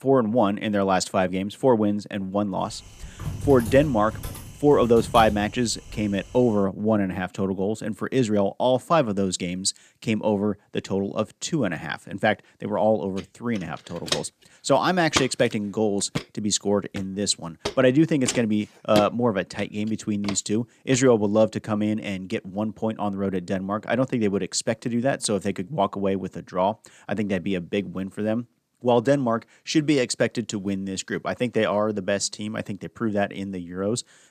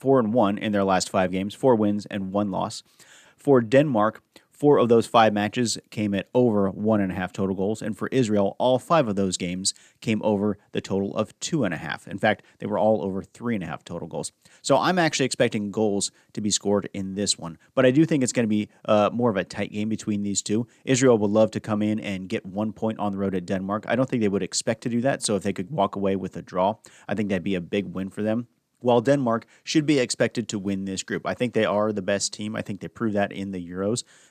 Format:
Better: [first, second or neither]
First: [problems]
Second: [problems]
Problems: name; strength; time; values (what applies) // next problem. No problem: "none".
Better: second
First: keyboard typing; noticeable; from 2.5 to 6.5 s; peak 7 dB below the speech // footsteps; noticeable; from 14 to 21 s; peak 3 dB below the speech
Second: none